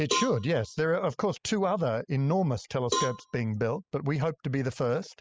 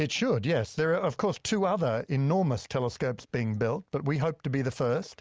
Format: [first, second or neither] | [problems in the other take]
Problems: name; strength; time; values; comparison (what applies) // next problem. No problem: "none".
second | noise reduction (classical method spectral subtraction)